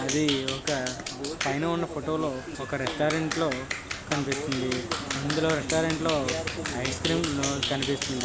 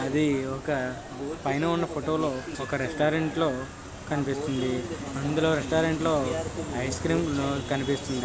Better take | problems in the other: second | background sound (Clapping); 6 dB below the speech

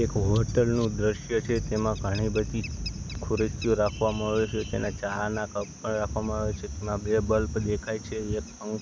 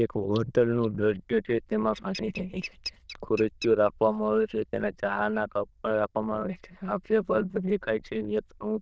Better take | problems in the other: first | noise reduction (neural diffusion model UNIVERSE++)

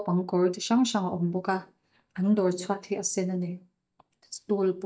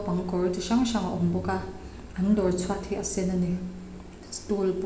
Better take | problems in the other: second | noise reduction (neural mask model DeepFilterNet 3)

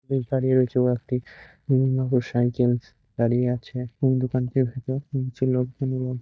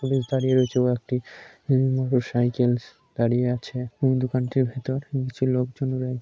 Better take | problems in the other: second | noise reduction (neural mask model DeepFilterNet 3)

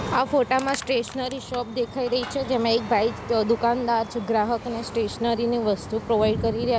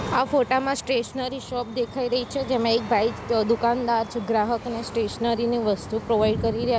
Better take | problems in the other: second | background sound (Crushing); 19 dB below the speech

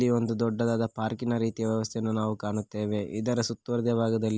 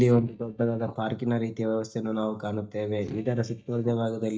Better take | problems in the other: first | noise reduction (neural mask model DeepFilterNet 3)

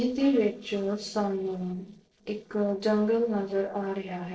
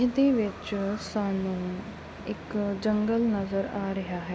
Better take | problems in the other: second | noise reduction (neural separator model SepFormer DNS4)

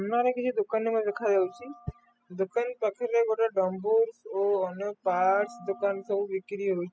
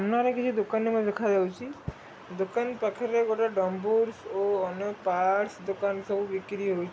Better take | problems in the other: second | noise reduction (classical method spectral subtraction)

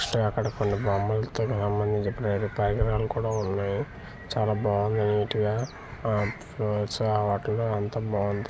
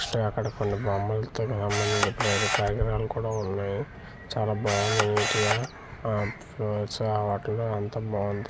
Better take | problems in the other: first | background sound (Camera); 1 dB below the speech

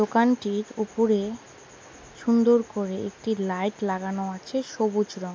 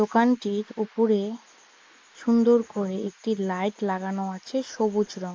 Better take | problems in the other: first | noise reduction (neural mask model Resemble Enhance denoiser)

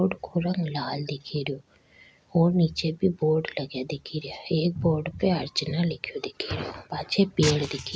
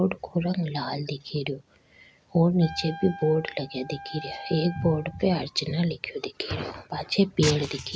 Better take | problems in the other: first | background sound (Wind instrument, woodwind instrument); 15 dB below the speech

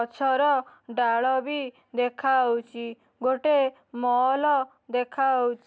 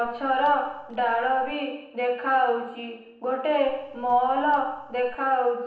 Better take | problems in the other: first | noise reduction (neural separator model SepFormer DNS4)

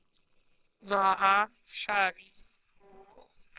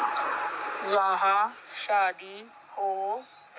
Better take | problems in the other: second | noise reduction (neural separator model SepFormer WHAMR!)

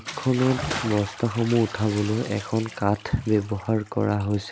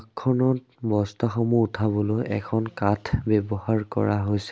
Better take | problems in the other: second | background sound (Bathtub (filling or washing) / Splash, splatter); 12 dB below the speech

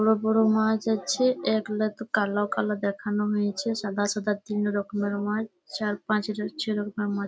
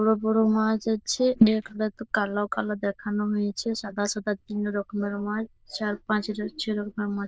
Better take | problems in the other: first | noise reduction (neural diffusion model UNIVERSE++)

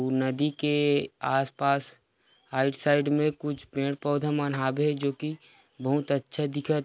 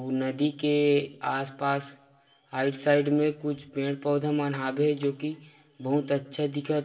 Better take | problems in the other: first | room echo; dies away in 0.8 s

